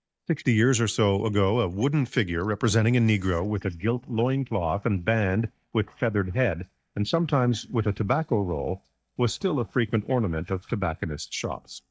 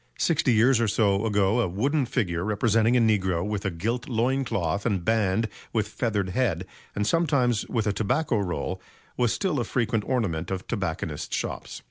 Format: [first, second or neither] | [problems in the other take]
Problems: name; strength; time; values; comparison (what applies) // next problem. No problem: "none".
second | noise reduction (neural mask model DeepFilterNet 3)